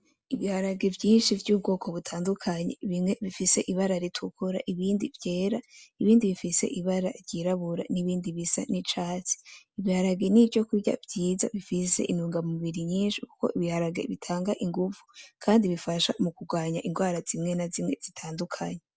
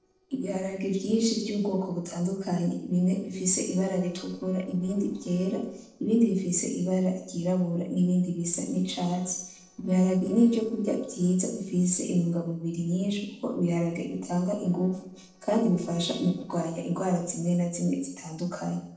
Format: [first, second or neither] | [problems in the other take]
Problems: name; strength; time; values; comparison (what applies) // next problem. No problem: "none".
first | noise reduction (neural separator model SepFormer DNS4)